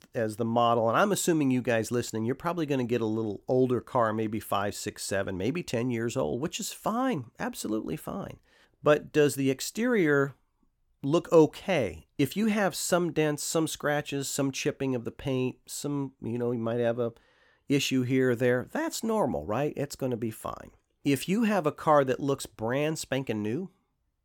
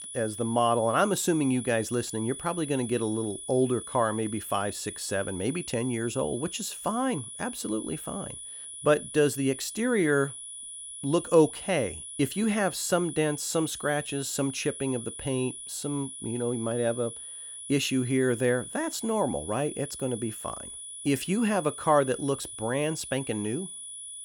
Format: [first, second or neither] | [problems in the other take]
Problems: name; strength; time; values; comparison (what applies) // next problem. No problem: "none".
first | high-pitched whine; loud; throughout; 10 kHz, 9 dB below the speech